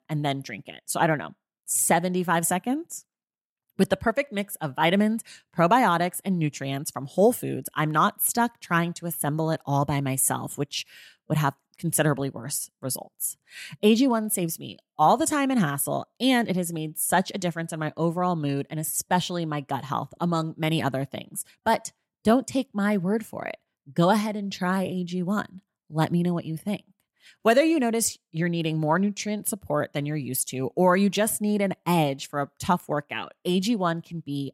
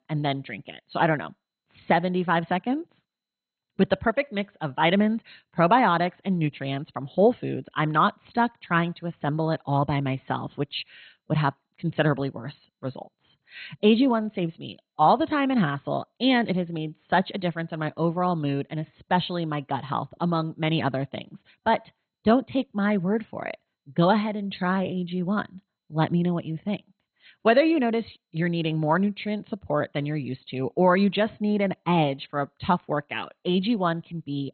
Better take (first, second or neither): first